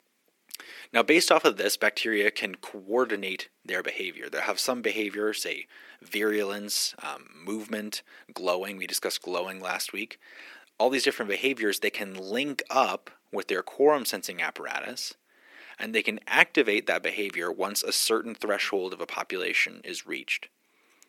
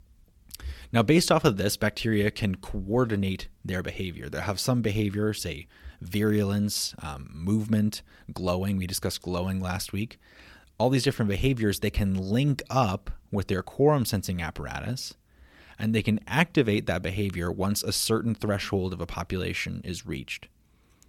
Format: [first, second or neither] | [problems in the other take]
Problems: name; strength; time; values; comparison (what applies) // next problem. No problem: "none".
second | thin; somewhat; fading below 300 Hz